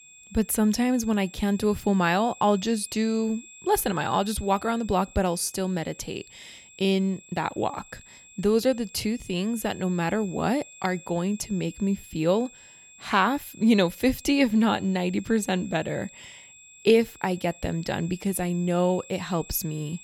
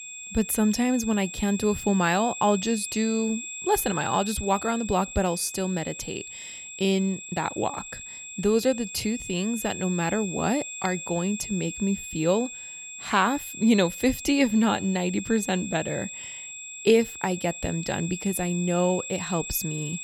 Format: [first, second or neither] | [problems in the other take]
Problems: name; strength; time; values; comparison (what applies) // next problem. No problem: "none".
first | high-pitched whine; loud; throughout; 7.5 kHz, 9 dB below the speech; faint in the first